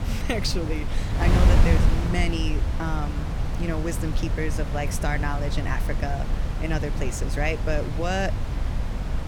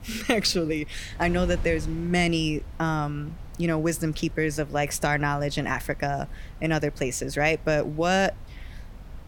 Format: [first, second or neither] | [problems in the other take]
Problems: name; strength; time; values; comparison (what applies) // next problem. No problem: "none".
second | wind noise on the microphone; heavy; 5 dB below the speech; occasional gusts in the second